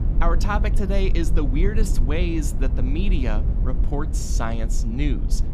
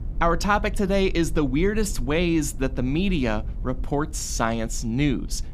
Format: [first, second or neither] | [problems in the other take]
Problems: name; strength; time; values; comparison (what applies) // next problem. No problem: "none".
second | low rumble; loud; throughout; 10 dB below the speech; faint in the second